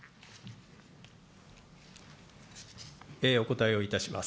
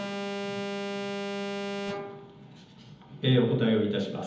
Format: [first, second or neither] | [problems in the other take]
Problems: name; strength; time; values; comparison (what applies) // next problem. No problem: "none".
first | background sound (Alarm); 6 dB below the speech // room echo; dies away in 1.3 s